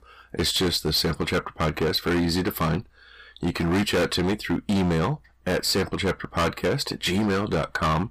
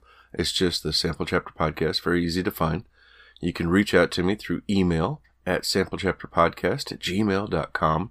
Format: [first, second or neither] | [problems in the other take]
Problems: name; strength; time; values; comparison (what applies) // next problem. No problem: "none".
second | distortion; heavy; 17% of the sound clipped